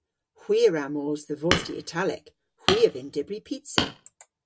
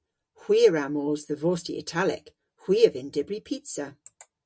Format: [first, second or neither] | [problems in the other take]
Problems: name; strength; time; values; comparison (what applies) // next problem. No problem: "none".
second | background sound (Hammer); 4 dB below the speech